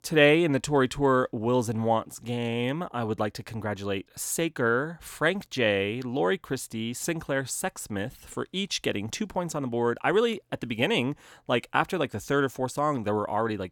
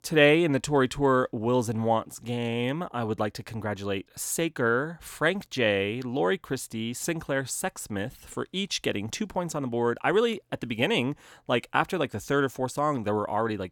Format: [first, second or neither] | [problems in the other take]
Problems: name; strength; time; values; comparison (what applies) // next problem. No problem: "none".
neither | none